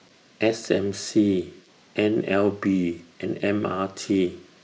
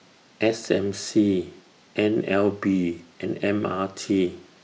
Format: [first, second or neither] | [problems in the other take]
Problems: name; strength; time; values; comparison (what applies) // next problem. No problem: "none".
second | noise reduction (neural mask model Resemble Enhance denoiser)